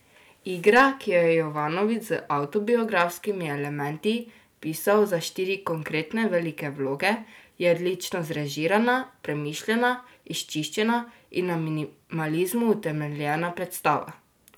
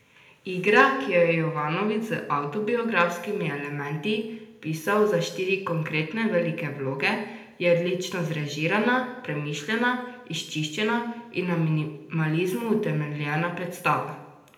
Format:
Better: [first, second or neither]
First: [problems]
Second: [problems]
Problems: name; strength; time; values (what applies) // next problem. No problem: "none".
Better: first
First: none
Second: room echo; dies away in 0.8 s